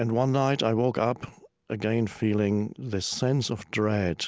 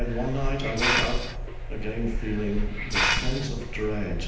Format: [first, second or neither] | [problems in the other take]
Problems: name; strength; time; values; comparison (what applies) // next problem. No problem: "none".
first | background sound (Hiss); 3 dB above the speech // room echo; dies away in 0.9 s